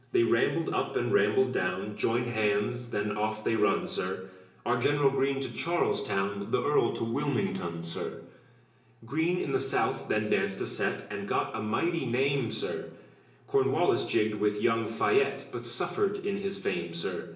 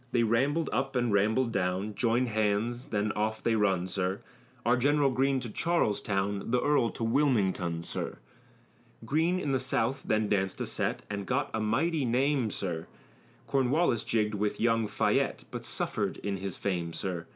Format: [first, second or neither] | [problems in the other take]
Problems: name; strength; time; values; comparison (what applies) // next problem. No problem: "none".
second | room echo; dies away in 0.7 s